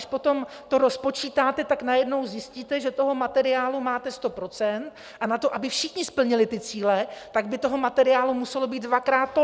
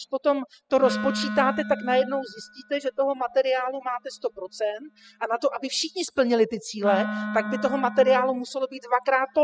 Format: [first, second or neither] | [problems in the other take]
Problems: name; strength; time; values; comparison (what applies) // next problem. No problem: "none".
first | noise reduction (classical method spectral subtraction)